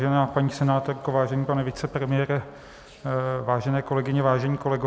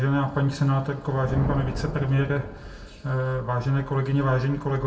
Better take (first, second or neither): first